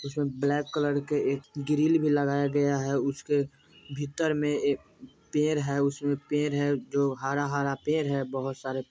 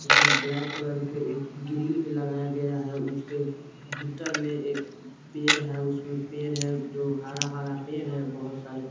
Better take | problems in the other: first | background sound (Coin (dropping)); as loud as the speech // room echo; dies away in 0.9 s

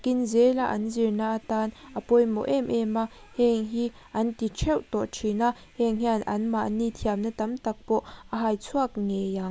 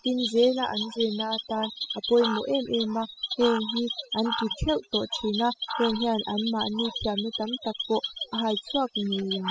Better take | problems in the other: first | noise reduction (classical method spectral subtraction)

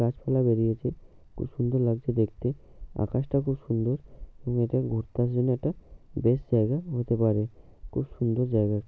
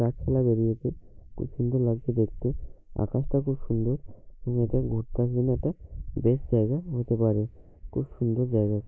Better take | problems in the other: first | noise reduction (neural mask model Resemble Enhance denoiser)

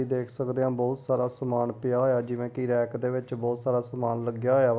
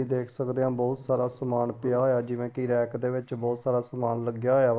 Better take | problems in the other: first | noise reduction (neural mask model Resemble Enhance denoiser)

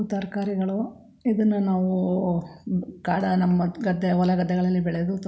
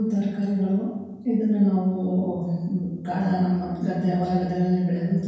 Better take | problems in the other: first | room echo; dies away in 1 s

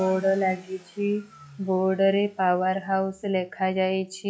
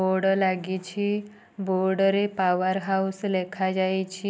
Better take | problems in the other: second | noise reduction (classical method log-MMSE)

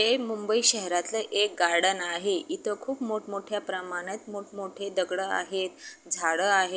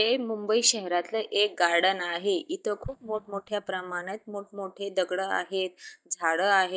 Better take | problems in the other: first | noise reduction (neural mask model DeepFilterNet 3)

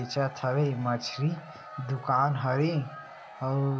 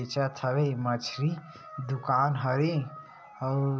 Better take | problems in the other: second | background sound (Crowd / Cheering); 19 dB below the speech

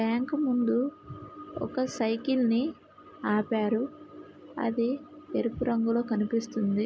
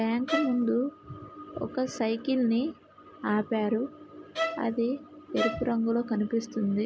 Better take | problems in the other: first | background sound (Bowed string instrument); 6 dB below the speech

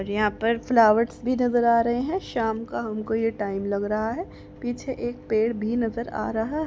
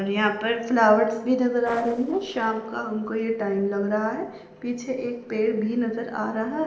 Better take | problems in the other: first | noise reduction (neural separator model SepFormer DNS4)

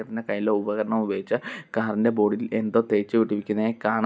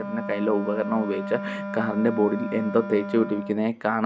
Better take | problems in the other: first | background sound (Wind instrument, woodwind instrument); 8 dB below the speech

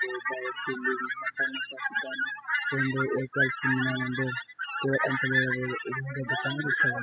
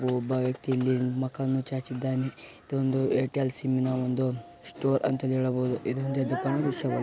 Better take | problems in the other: second | noise reduction (classical method spectral subtraction)

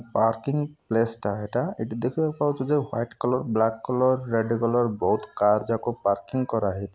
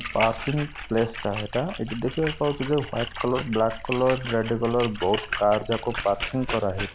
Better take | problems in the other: first | background sound (Splash, splatter); 9 dB below the speech

